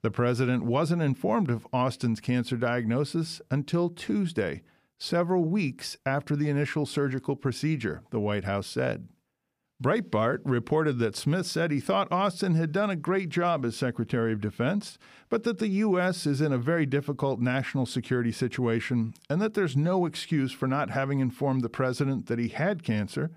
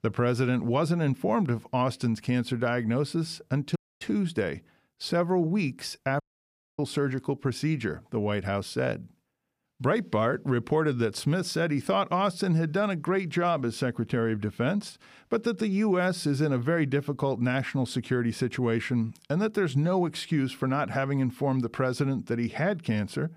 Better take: first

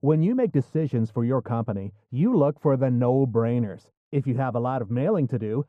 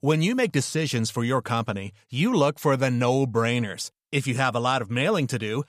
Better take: second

